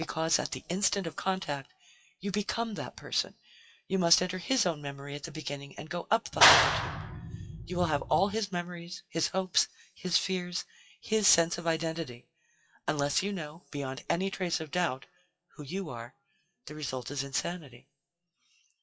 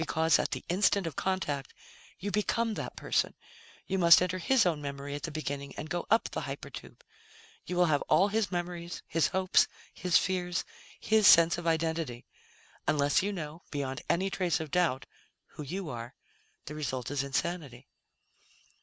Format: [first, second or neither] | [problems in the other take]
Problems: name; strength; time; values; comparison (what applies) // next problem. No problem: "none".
second | noise reduction (classical method WPE with log-MMSE)